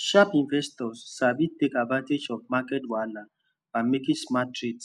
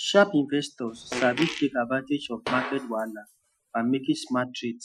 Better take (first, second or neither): first